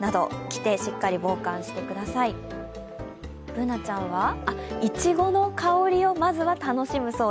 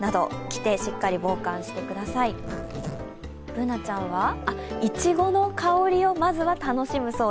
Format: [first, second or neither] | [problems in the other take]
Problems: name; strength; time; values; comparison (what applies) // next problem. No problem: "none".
first | background sound (Zipper (clothing)); 16 dB below the speech